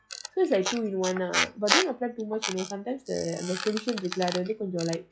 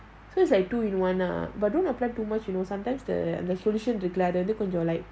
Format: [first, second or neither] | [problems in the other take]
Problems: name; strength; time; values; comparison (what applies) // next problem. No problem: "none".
second | noise reduction (classical method log-MMSE)